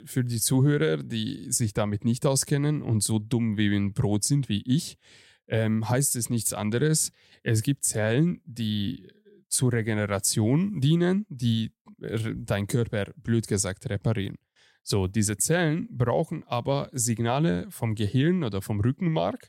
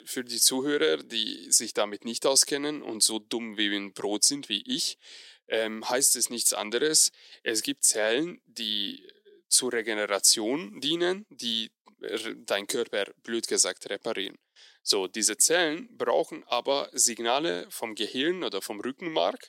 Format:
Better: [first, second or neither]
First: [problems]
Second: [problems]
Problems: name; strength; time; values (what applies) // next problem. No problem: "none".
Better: first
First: none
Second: thin; somewhat; fading below 300 Hz